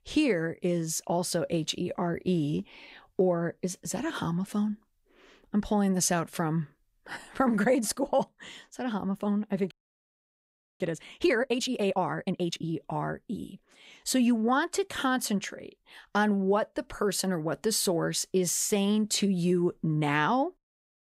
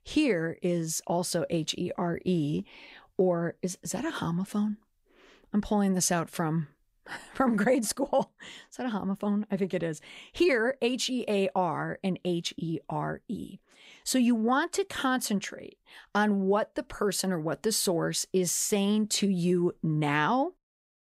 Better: second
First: audio freezing; at 9.5 s for 1 s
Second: none

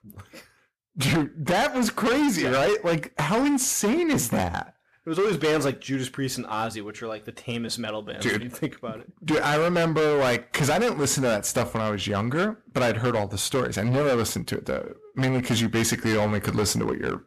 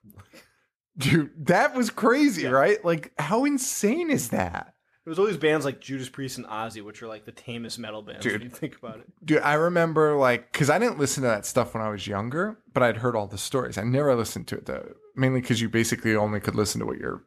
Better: second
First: distortion; heavy; 16% of the sound clipped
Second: none

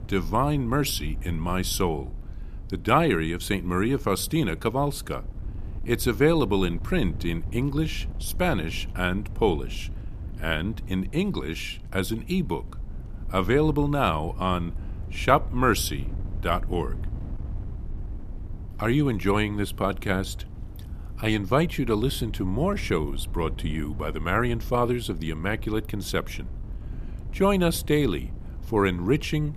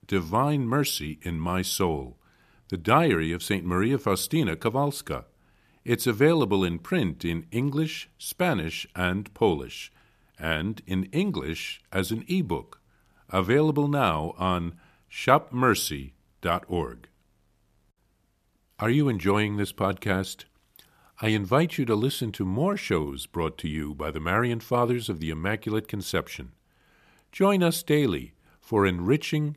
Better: second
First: wind noise on the microphone; occasional gusts; 25 dB below the speech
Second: none

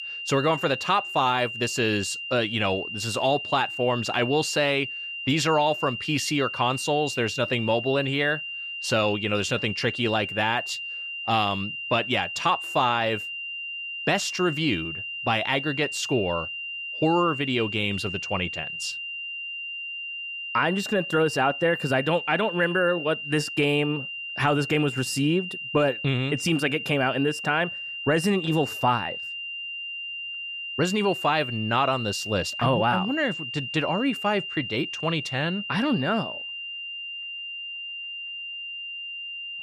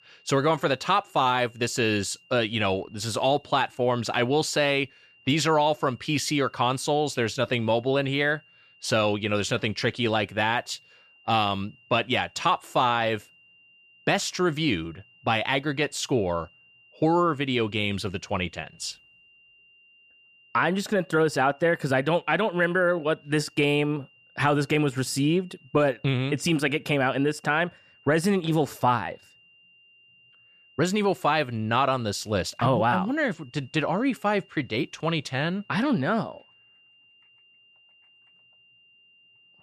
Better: second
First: high-pitched whine; loud; throughout; 3 kHz, 6 dB below the speech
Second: high-pitched whine; faint; throughout; 3 kHz, 30 dB below the speech

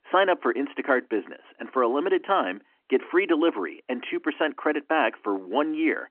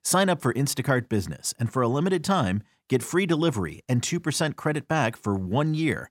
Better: second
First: phone-call audio; nothing above 3 kHz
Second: none

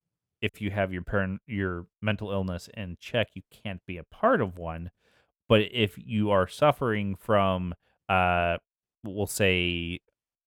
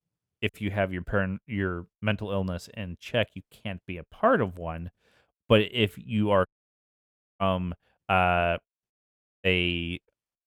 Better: first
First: none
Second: audio cutting out; at 6.5 s for 1 s and at 9 s for 0.5 s

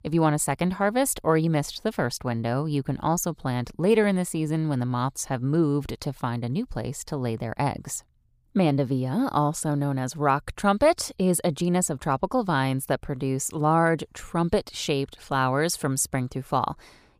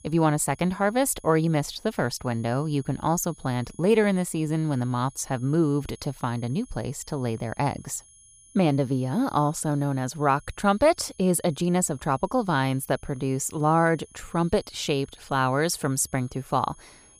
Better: first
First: none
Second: high-pitched whine; faint; throughout; 10 kHz, 25 dB below the speech

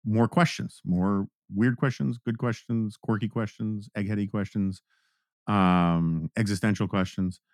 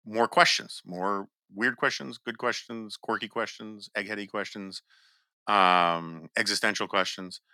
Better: first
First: none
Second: thin; very; fading below 600 Hz

